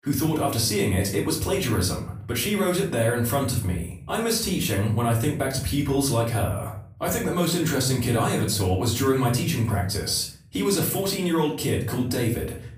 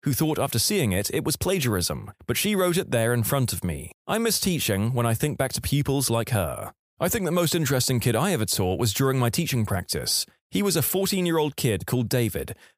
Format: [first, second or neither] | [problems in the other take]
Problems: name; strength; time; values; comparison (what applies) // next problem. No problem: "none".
second | off-mic speech; far // room echo; slight; dies away in 0.5 s